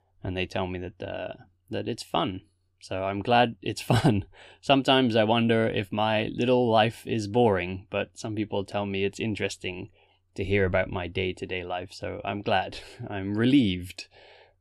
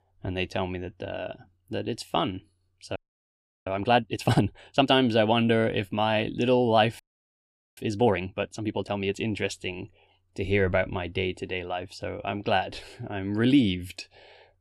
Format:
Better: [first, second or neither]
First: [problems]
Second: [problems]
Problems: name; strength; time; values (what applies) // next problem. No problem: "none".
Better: first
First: none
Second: audio freezing; at 3 s for 0.5 s and at 7 s for 1 s